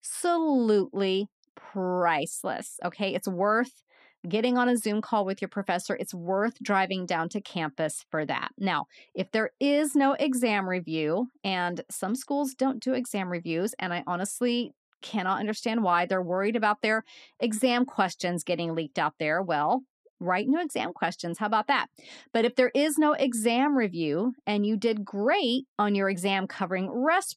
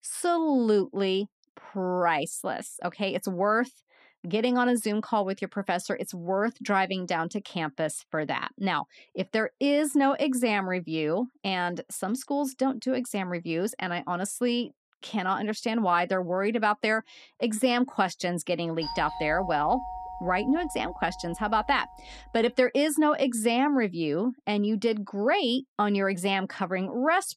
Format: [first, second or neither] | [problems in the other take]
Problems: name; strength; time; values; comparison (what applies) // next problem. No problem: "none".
first | doorbell; noticeable; from 19 to 22 s; peak 8 dB below the speech